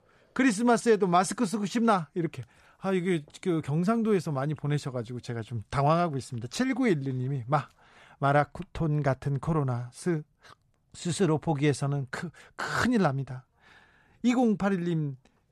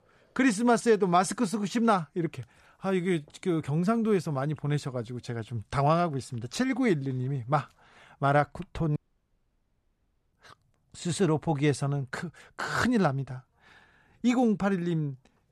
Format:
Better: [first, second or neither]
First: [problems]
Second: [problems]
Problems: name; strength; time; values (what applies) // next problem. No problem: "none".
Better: first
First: none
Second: audio cutting out; at 9 s for 1.5 s